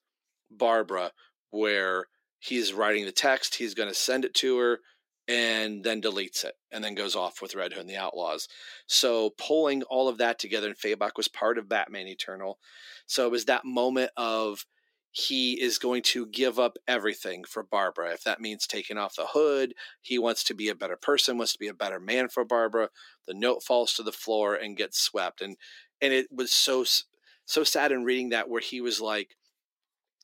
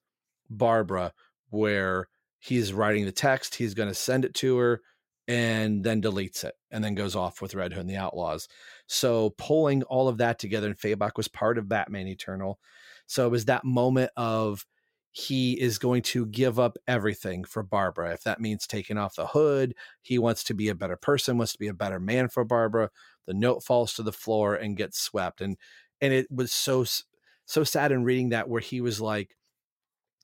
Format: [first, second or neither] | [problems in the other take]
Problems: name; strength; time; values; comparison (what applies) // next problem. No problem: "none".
second | thin; somewhat; fading below 250 Hz